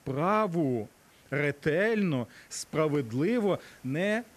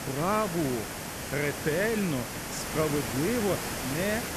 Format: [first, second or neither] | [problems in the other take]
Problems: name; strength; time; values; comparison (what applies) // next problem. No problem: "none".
first | hiss; loud; throughout; 4 dB below the speech; faint in the first